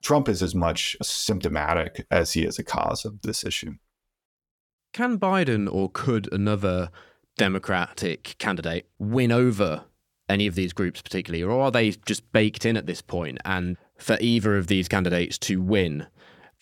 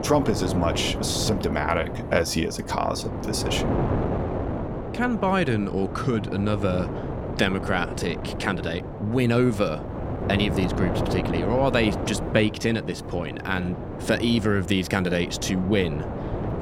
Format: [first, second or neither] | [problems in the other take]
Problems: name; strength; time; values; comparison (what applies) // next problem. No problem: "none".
first | wind noise on the microphone; heavy; 7 dB below the speech